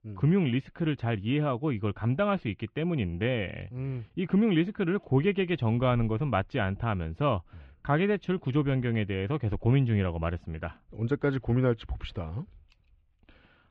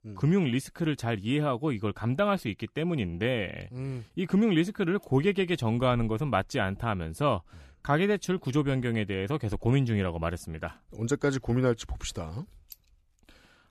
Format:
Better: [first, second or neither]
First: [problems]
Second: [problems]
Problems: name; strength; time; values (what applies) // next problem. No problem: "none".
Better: second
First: muffled; very; fading above 3 kHz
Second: none